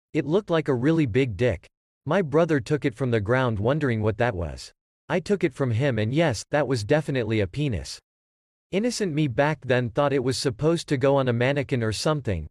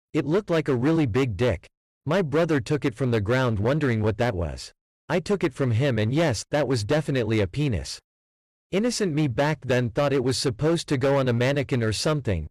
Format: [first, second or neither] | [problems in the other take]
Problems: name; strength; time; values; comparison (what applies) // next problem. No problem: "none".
first | distortion; slight; 9% of the sound clipped